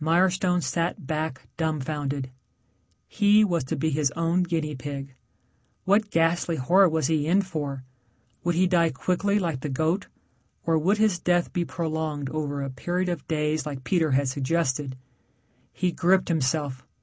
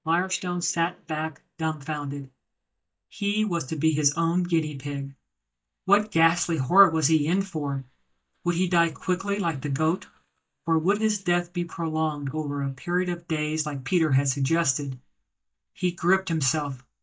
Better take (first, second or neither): first